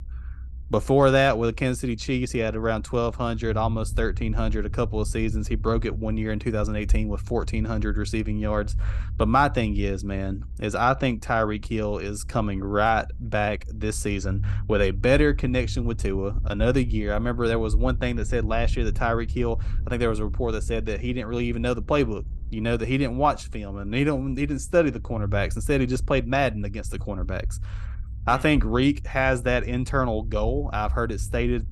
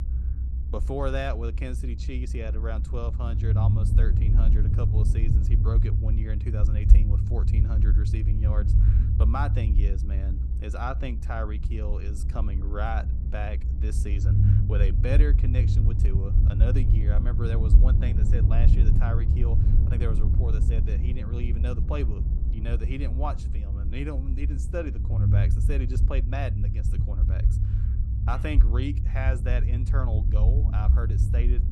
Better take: first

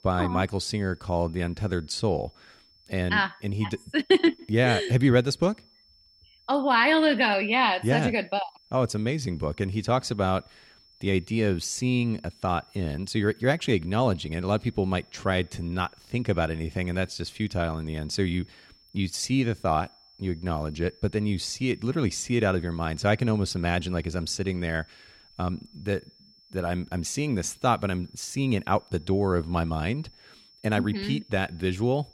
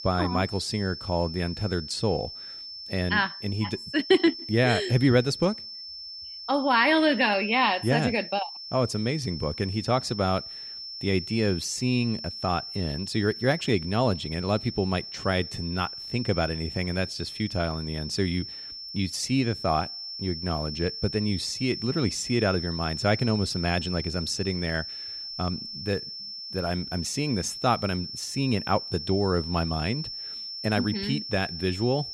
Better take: first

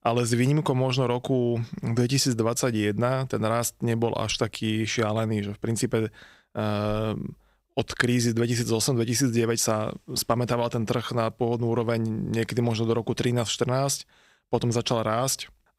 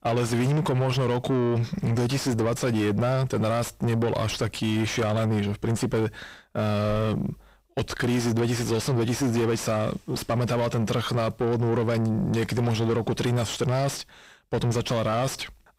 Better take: first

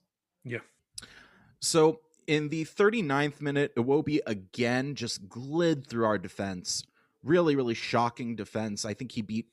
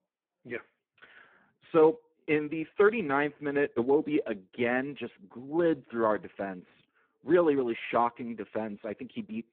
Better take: first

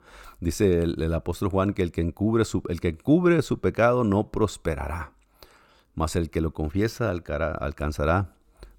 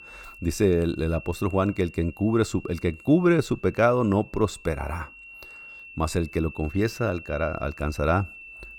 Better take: first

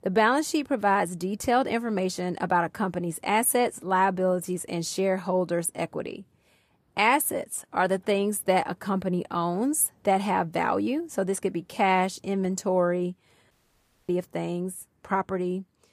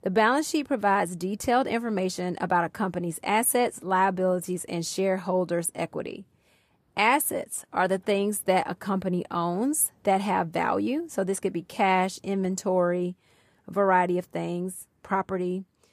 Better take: second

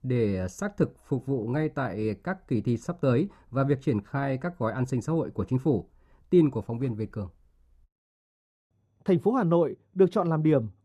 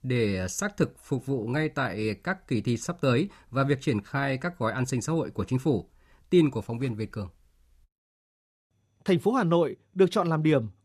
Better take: second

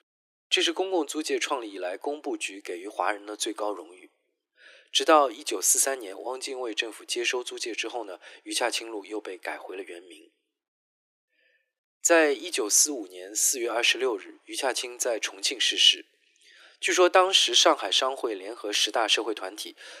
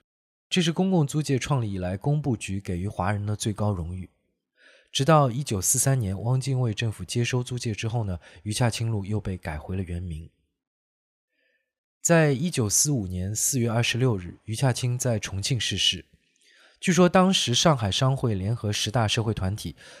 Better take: second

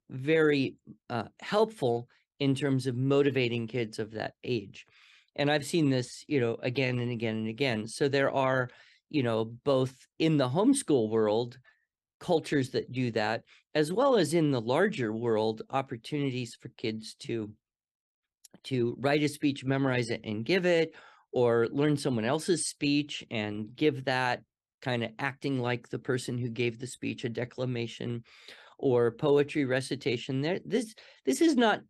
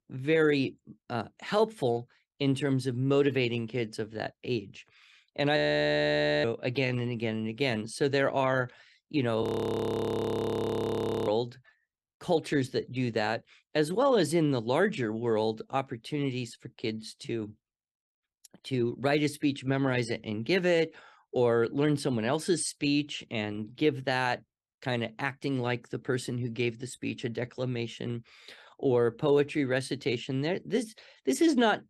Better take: first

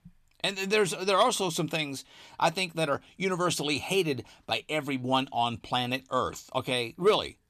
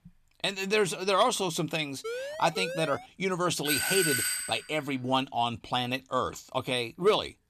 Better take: first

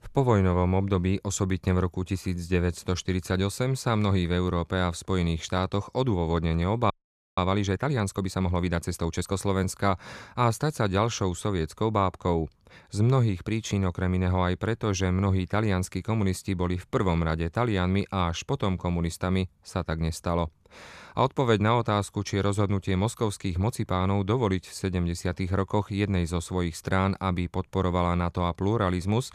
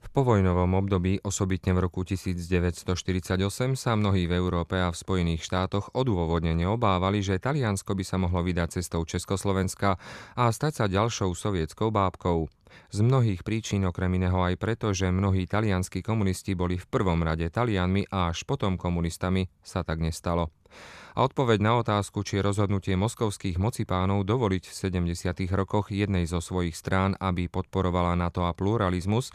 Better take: second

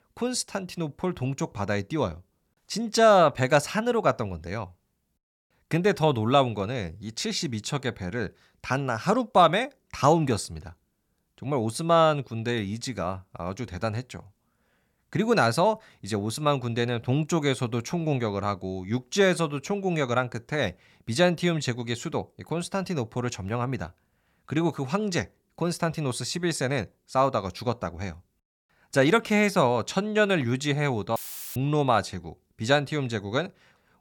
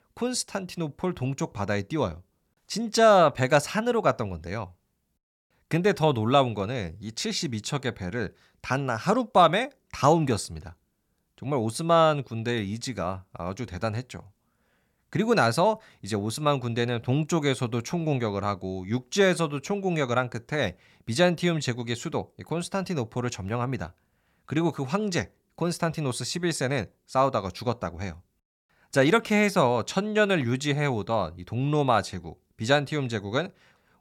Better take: second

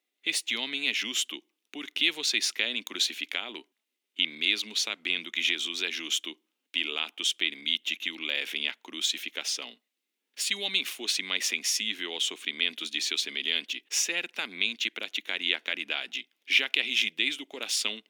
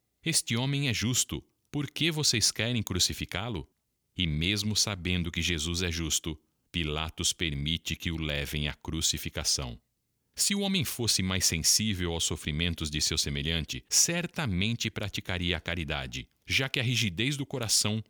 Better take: second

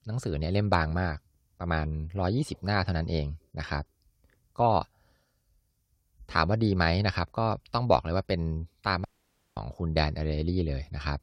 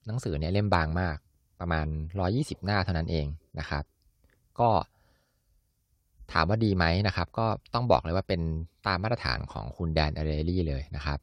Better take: second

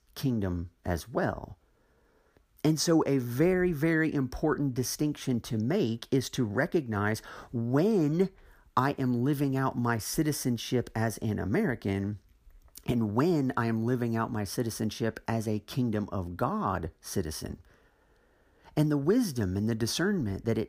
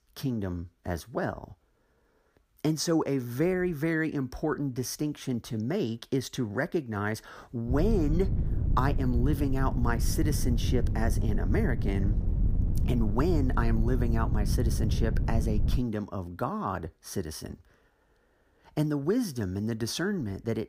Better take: first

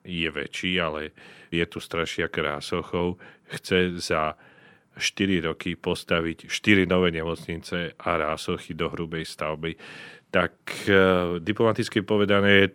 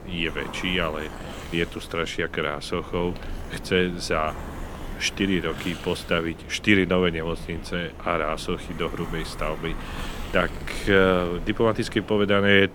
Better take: first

